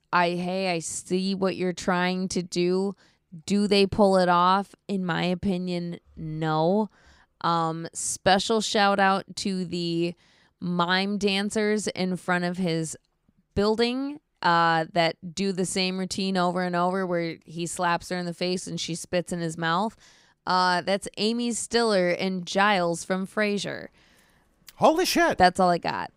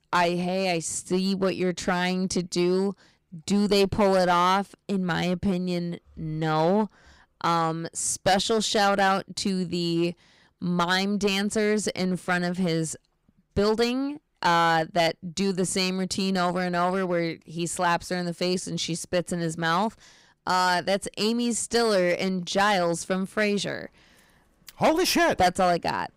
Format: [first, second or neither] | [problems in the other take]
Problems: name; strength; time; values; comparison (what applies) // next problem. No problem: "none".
first | distortion; slight; 5% of the sound clipped